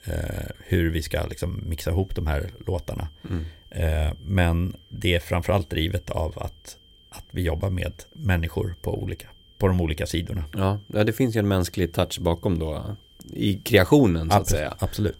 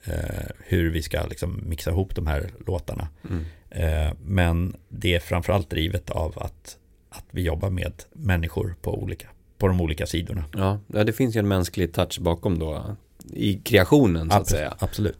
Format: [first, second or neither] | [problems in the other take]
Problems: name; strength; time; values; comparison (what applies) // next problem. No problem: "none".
second | high-pitched whine; faint; throughout; 3 kHz, 30 dB below the speech